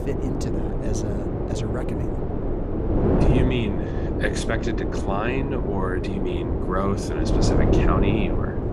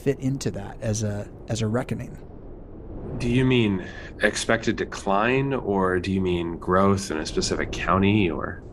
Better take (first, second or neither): second